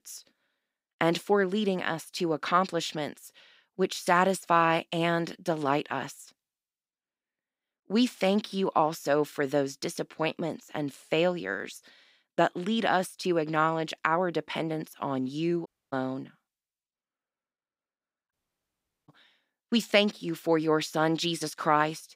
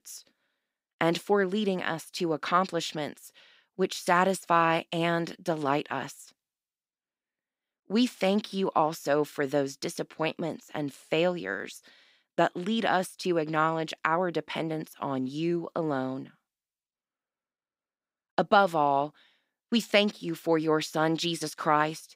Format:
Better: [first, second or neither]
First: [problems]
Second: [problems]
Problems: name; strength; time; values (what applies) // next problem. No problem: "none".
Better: second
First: audio cutting out; at 16 s and at 18 s for 1 s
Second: none